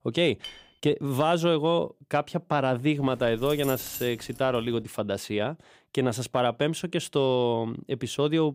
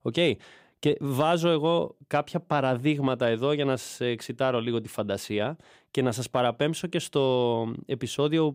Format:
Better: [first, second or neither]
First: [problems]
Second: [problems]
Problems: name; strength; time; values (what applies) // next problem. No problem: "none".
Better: second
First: clattering dishes; faint; at 0.5 s; peak 15 dB below the speech // jangling keys; noticeable; from 3 to 5 s; peak 8 dB below the speech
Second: none